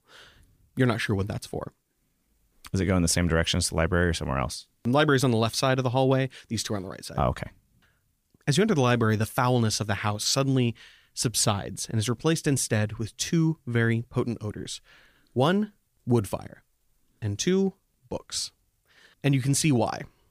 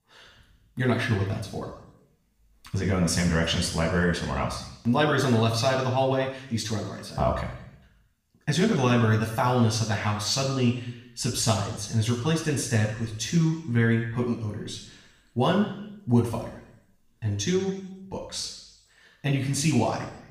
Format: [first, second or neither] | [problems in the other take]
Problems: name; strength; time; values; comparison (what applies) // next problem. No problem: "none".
first | room echo; noticeable; dies away in 0.8 s // off-mic speech; somewhat distant